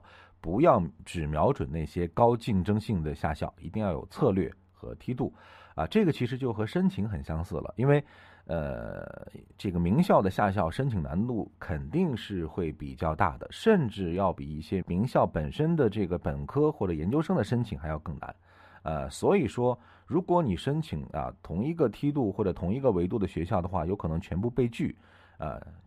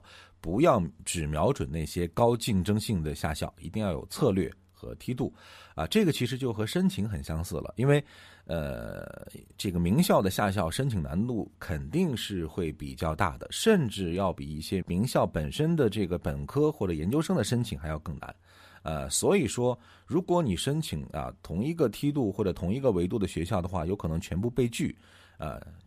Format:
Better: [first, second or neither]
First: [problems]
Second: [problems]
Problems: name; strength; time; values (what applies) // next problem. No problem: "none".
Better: second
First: muffled; slightly; fading above 3.5 kHz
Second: none